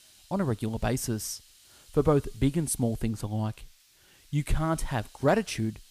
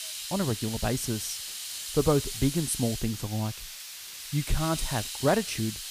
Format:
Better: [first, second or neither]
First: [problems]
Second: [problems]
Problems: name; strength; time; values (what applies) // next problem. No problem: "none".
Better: first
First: hiss; faint; throughout; 25 dB below the speech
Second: hiss; loud; throughout; 6 dB below the speech